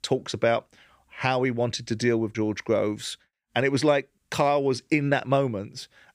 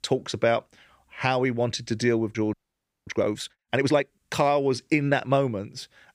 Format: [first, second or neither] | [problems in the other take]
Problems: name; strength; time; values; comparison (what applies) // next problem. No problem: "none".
first | audio freezing; at 2.5 s for 0.5 s